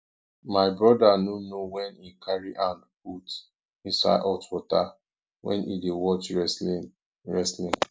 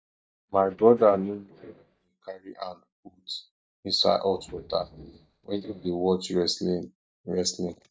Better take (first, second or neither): first